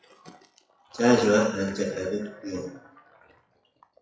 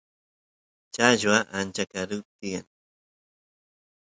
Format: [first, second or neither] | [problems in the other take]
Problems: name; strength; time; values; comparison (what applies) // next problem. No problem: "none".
second | noise reduction (classical method WPE with log-MMSE)